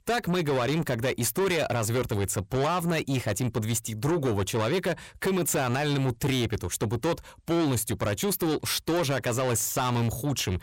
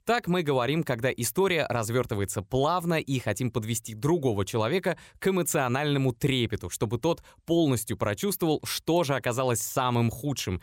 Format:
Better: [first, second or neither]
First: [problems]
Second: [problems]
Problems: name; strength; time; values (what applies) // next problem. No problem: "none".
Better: second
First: distortion; heavy; 8 dB below the speech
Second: none